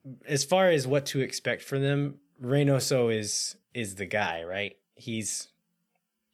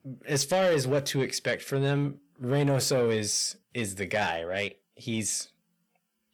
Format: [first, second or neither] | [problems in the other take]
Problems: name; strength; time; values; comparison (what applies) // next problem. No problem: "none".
first | distortion; slight; 10 dB below the speech